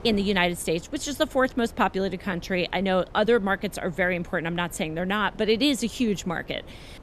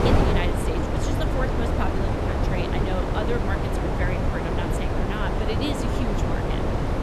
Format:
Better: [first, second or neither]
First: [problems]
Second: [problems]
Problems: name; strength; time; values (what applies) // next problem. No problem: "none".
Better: first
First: wind noise on the microphone; occasional gusts; 25 dB below the speech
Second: wind noise on the microphone; heavy; 4 dB above the speech